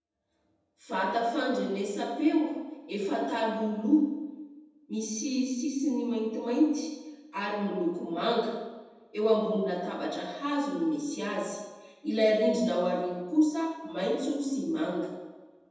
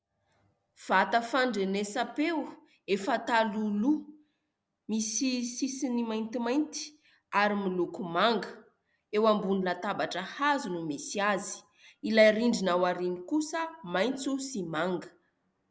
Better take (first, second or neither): second